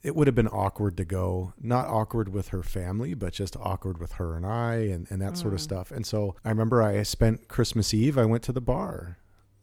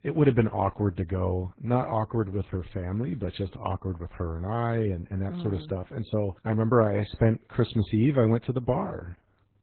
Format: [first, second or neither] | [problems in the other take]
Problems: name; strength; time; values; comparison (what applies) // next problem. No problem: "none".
first | garbled, watery; badly; nothing above 4 kHz